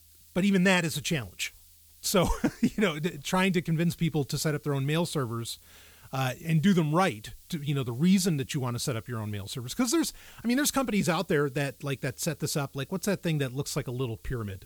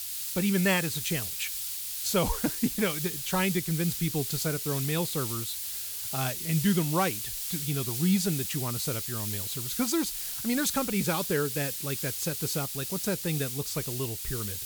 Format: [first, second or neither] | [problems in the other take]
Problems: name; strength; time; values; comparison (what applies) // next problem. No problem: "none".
first | hiss; loud; throughout; 2 dB below the speech; faint in the first